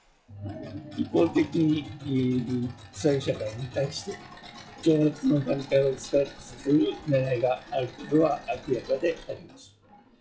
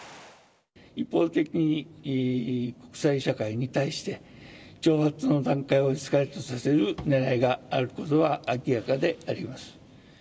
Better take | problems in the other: second | noise reduction (classical method log-MMSE)

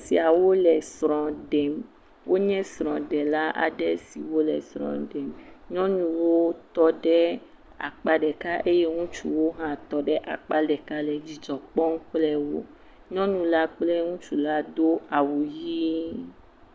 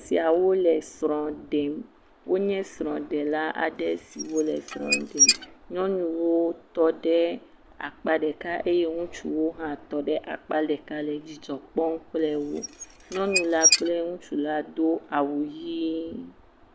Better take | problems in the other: first | background sound (Squeak / Dishes, pots, and pans); as loud as the speech

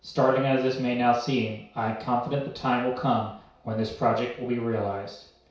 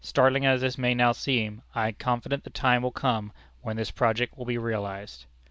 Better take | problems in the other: second | room echo; dies away in 0.6 s

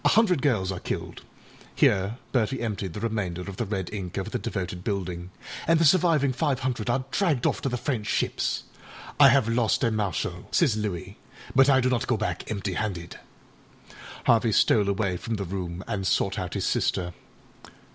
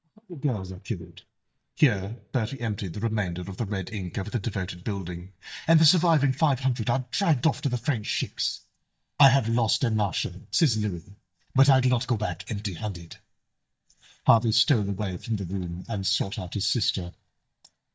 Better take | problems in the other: first | noise reduction (neural mask model DeepFilterNet 3)

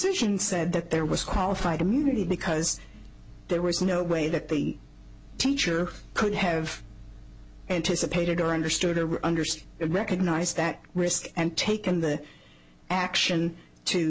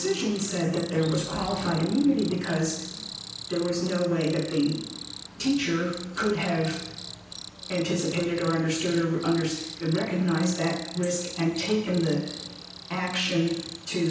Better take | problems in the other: first | background sound (Cricket); 14 dB below the speech // room echo; dies away in 0.9 s

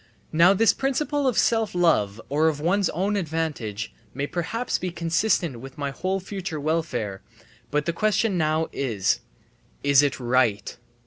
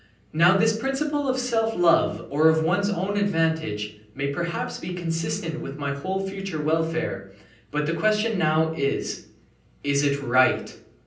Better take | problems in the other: first | room echo; dies away in 0.6 s

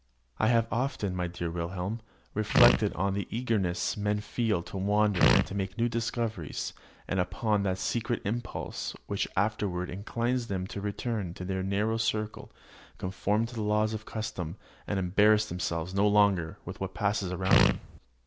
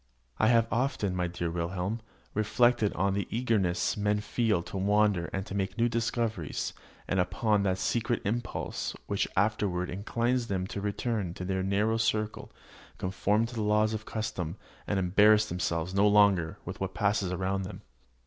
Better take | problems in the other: second | background sound (Fart); 4 dB above the speech

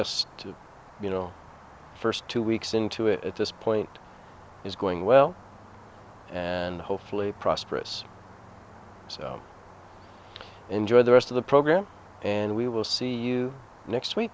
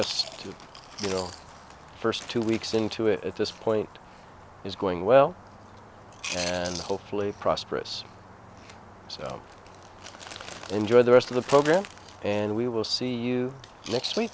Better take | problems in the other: first | background sound (Chewing, mastication); 16 dB below the speech

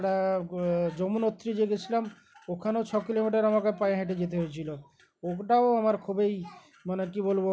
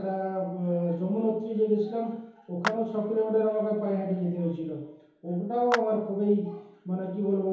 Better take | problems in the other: first | background sound (Clapping); 10 dB below the speech // room echo; dies away in 2.2 s

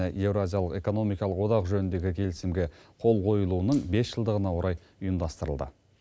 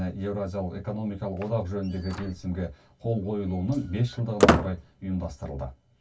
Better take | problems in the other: first | background sound (Squeak); 1 dB above the speech // room echo; dies away in 0.1 s

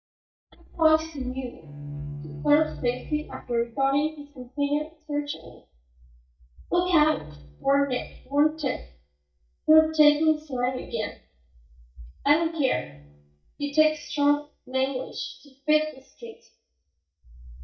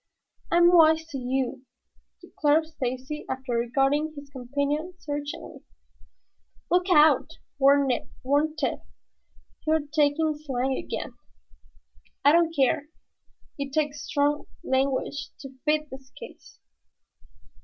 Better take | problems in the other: second | noise reduction (neural mask model DeepFilterNet 3)

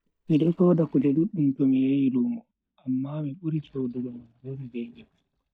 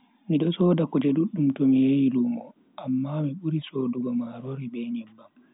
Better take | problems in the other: second | noise reduction (neural mask model DeepFilterNet 3)

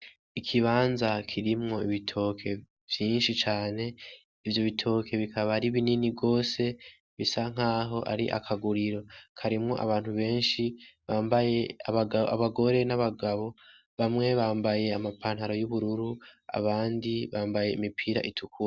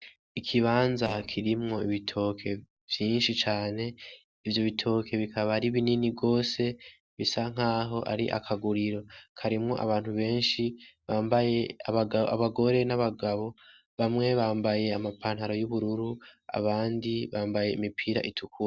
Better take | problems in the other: first | noise reduction (neural separator model SepFormer DNS4)

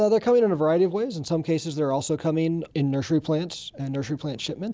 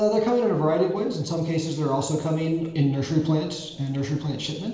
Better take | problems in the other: first | room echo; dies away in 1.1 s

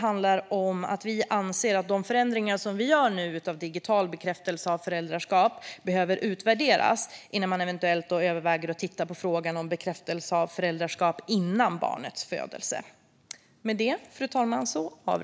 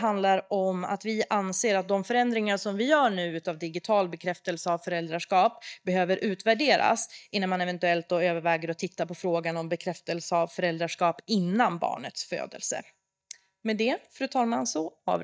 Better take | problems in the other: first | noise reduction (neural mask model DeepFilterNet 3)

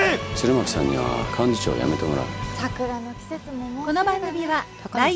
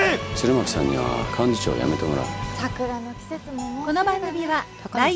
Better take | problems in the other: first | background sound (Bell); 19 dB below the speech

